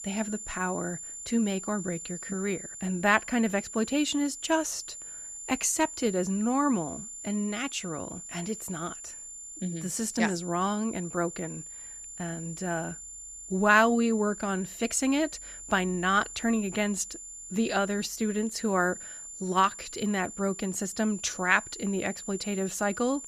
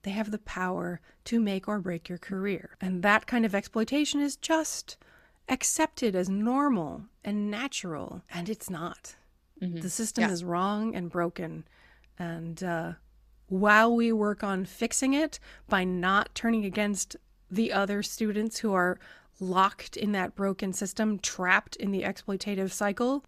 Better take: second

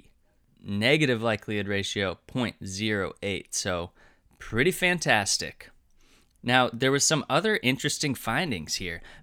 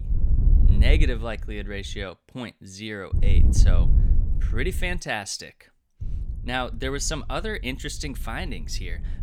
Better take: first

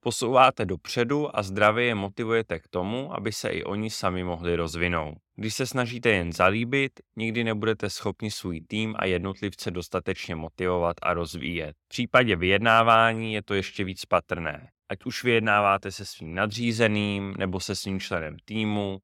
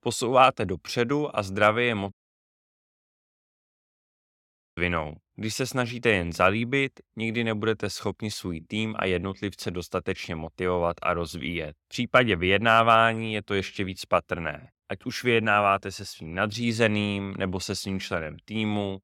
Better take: first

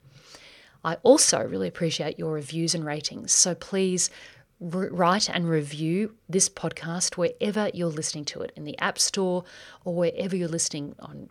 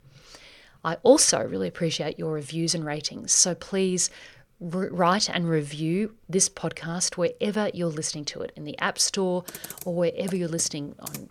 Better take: first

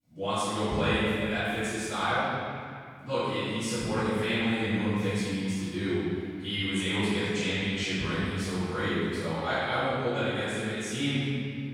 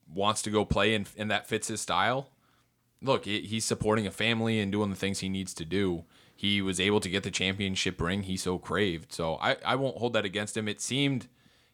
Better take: second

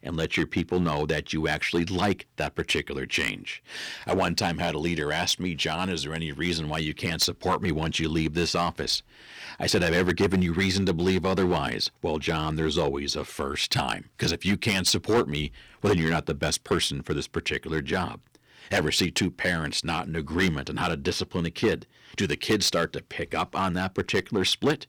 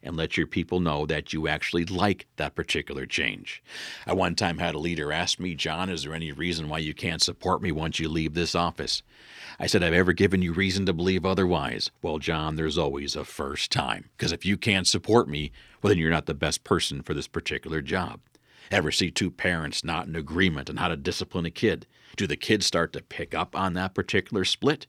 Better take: second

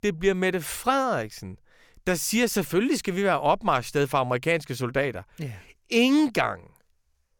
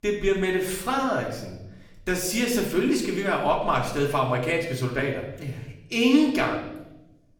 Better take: first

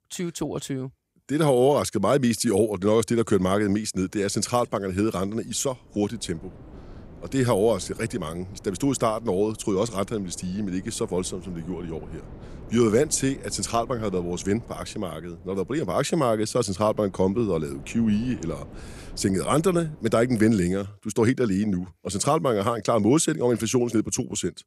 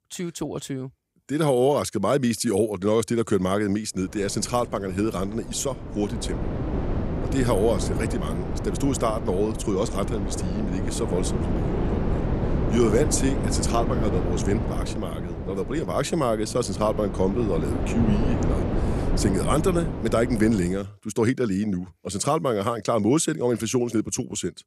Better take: first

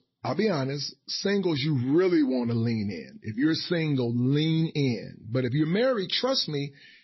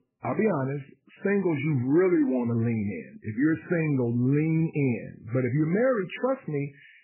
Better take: first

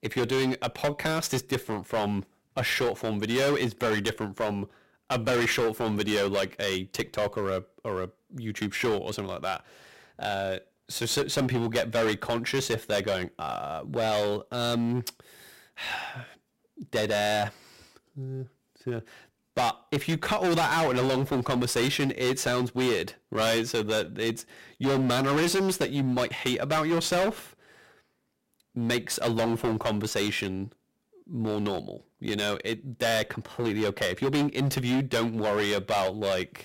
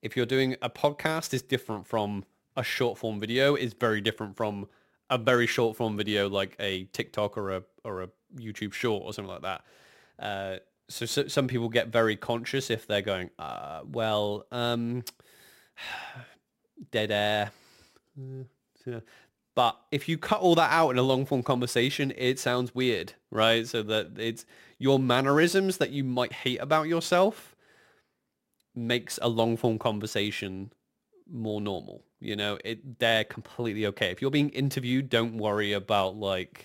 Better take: second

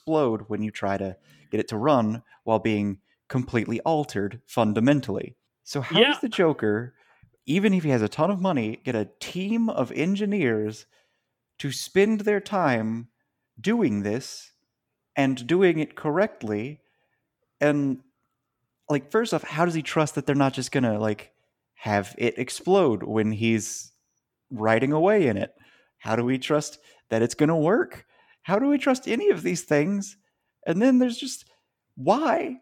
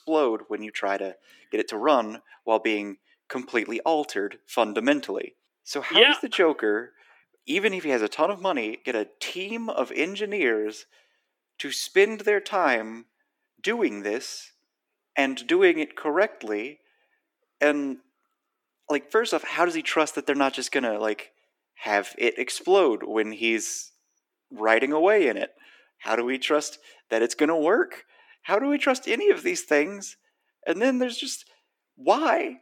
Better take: first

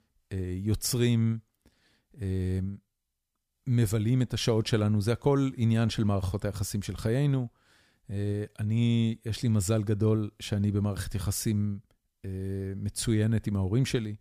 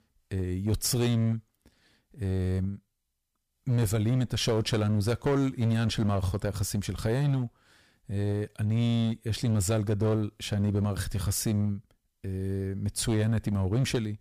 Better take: first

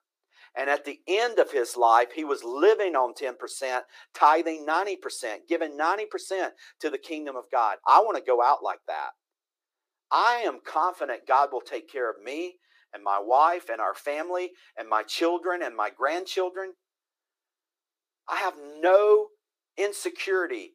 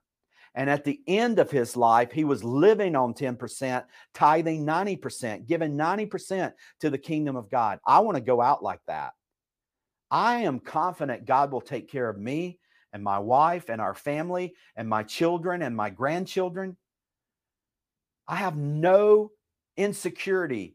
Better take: second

